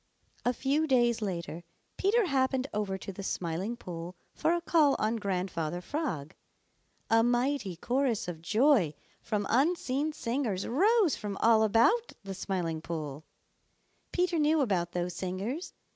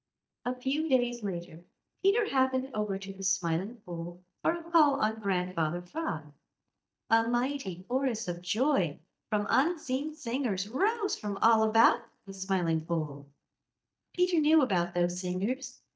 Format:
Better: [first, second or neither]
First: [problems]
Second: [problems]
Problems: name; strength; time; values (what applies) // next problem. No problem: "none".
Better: first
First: none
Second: noise reduction (neural mask model DeepFilterNet 3)